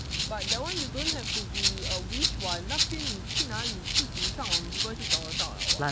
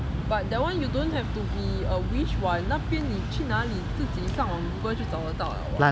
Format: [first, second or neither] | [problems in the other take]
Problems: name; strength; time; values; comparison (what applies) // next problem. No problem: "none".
second | background sound (Rattle (instrument)); 4 dB above the speech